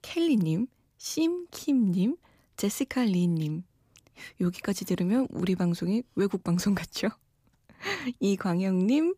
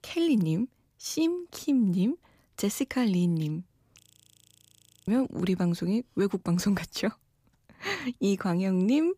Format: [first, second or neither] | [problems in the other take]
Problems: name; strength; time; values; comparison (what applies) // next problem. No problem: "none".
first | audio freezing; at 4 s for 1 s